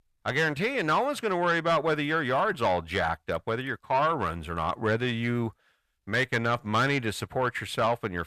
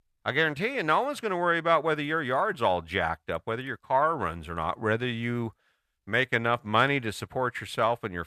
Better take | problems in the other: second | distortion; slight; 10 dB below the speech

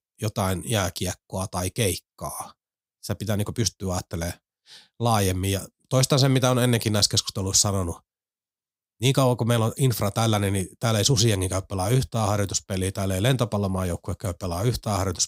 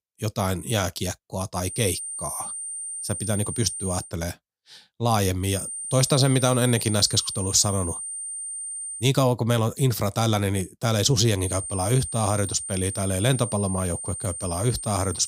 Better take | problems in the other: first | high-pitched whine; loud; from 1.5 to 4 s, from 5.5 to 9 s and from 11 s on; 9 kHz, 6 dB below the speech

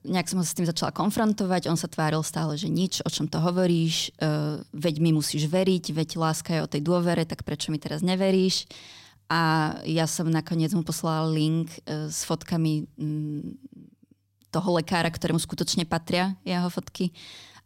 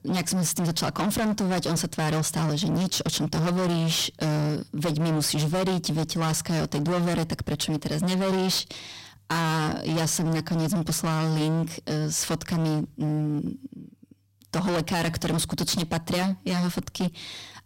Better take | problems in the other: first | distortion; heavy; 28% of the sound clipped

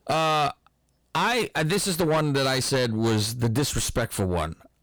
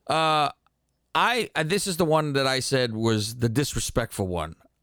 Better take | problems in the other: second | distortion; heavy; 7 dB below the speech

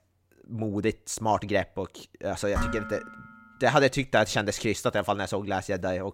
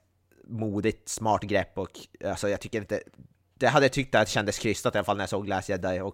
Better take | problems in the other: second | clattering dishes; noticeable; at 2.5 s; peak 4 dB below the speech

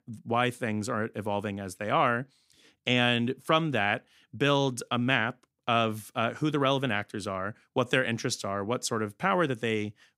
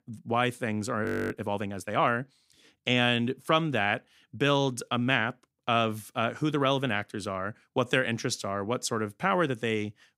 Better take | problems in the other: first | audio freezing; at 1 s

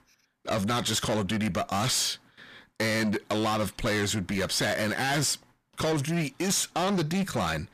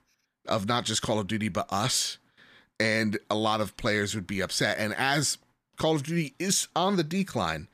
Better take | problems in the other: second | distortion; heavy; 7 dB below the speech

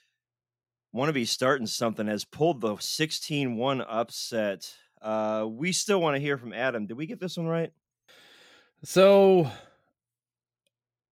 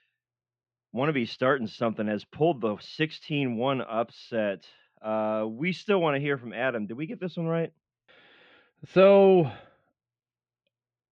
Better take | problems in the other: first | muffled; very; fading above 3 kHz

